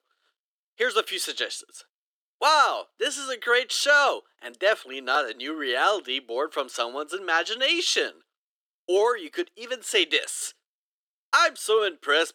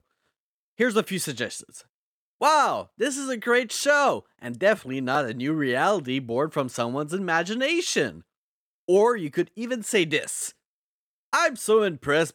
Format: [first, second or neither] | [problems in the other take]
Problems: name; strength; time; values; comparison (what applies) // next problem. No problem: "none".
second | thin; very; fading below 350 Hz